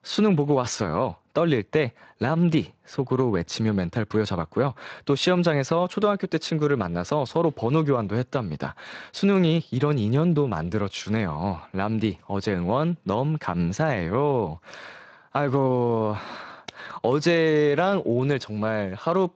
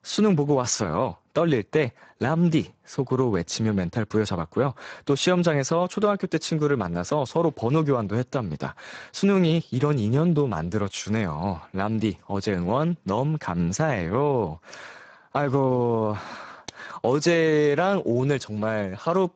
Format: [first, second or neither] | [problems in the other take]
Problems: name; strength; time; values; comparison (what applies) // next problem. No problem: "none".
first | garbled, watery; badly; nothing above 7.5 kHz; slightly in the first